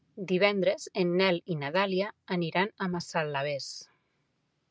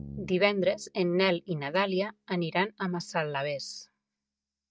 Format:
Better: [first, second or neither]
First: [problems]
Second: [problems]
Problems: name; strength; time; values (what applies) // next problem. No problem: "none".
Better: first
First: none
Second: noise reduction (neural mask model DeepFilterNet 3)